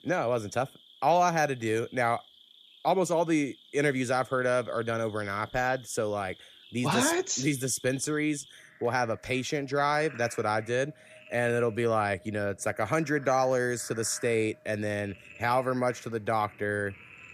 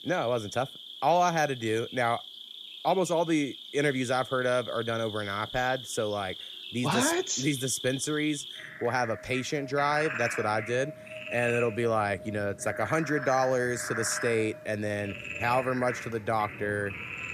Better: first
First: animal sounds; faint; throughout; 20 dB below the speech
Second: animal sounds; loud; throughout; 9 dB below the speech

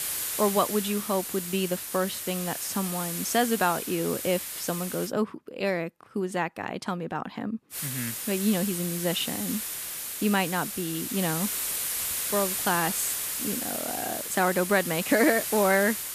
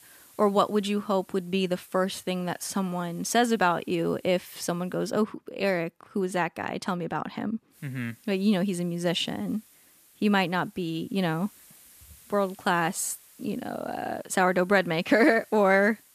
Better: second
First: hiss; loud; until 5 s and from 7.5 s on; 2 dB below the speech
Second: hiss; faint; until 5 s and from 7.5 s on; 25 dB below the speech

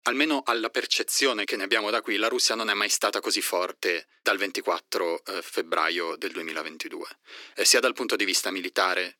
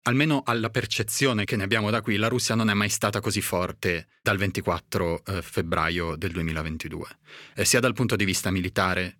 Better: second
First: thin; somewhat; fading below 300 Hz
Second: none

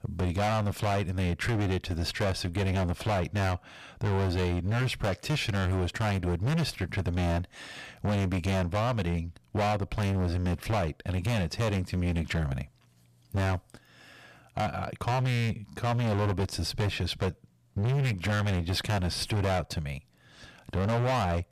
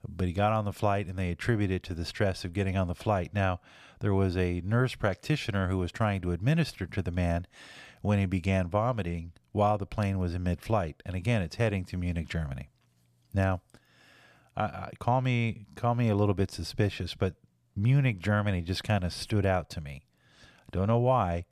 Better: second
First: distortion; heavy; 24% of the sound clipped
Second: none

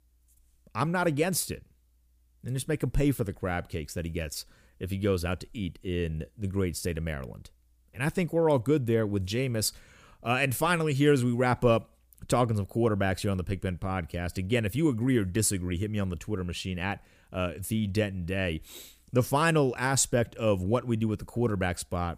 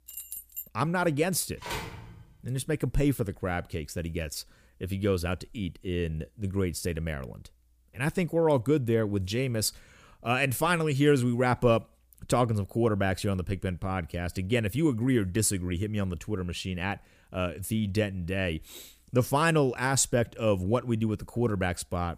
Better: first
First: none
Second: jangling keys; noticeable; at the start; peak 9 dB below the speech // phone ringing; noticeable; at 1.5 s; peak 7 dB below the speech

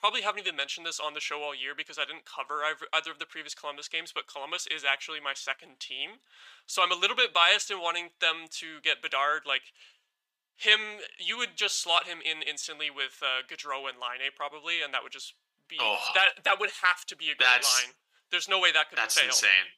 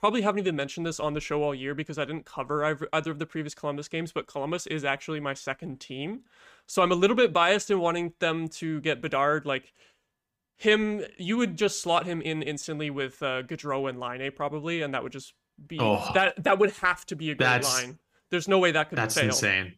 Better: second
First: thin; very; fading below 950 Hz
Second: none

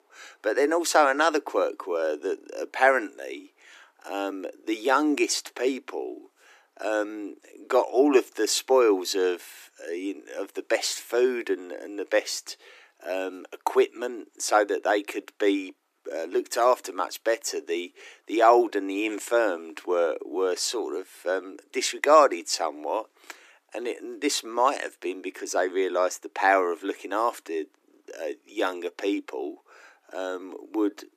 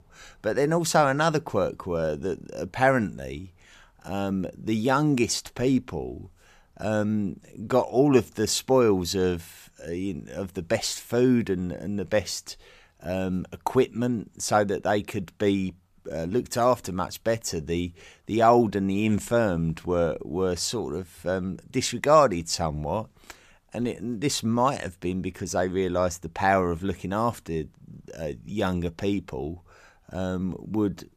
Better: second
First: thin; somewhat; fading below 300 Hz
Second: none

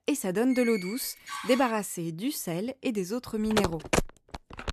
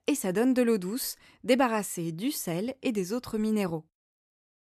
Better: second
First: door banging; noticeable; until 1.5 s; peak 7 dB below the speech // phone ringing; loud; from 3.5 s on; peak 1 dB above the speech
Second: none

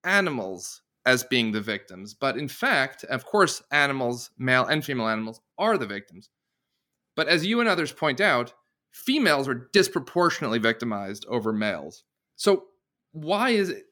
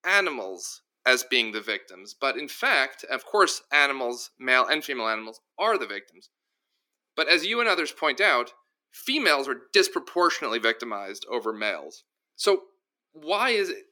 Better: first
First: none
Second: thin; somewhat; fading below 350 Hz

